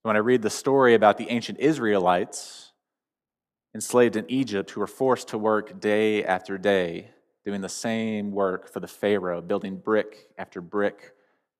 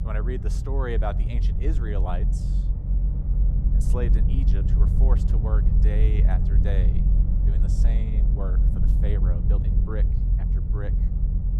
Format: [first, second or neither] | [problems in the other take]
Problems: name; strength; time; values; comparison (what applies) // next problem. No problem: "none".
first | low rumble; loud; throughout; 3 dB below the speech